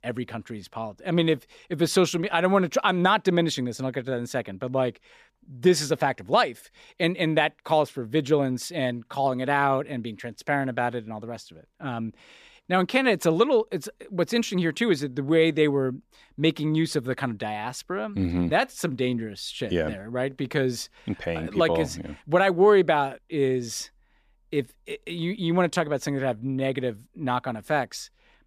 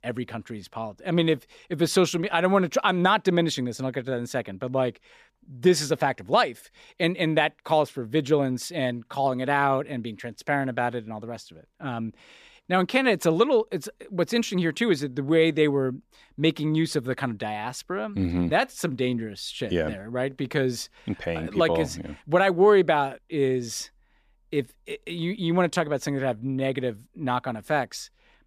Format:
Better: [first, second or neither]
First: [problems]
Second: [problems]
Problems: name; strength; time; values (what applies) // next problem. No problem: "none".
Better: neither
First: none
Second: none